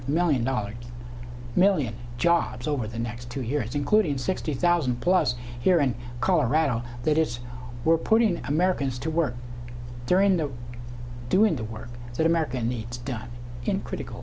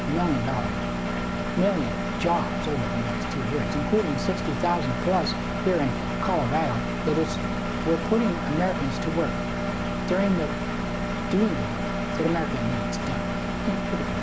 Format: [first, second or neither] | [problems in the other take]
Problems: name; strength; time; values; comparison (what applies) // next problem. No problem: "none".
first | background sound (Engine); 1 dB below the speech